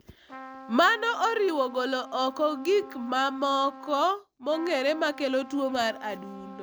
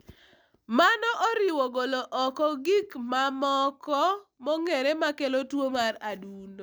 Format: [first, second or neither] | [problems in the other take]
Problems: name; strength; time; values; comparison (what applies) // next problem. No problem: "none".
second | background sound (Trumpet); 17 dB below the speech